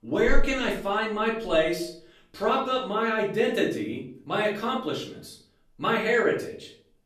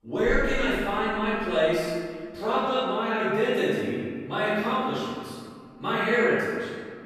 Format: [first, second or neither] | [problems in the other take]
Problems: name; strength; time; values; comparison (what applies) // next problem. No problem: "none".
first | room echo; strong; dies away in 1.8 s; slight in the first // off-mic speech; far; far in the first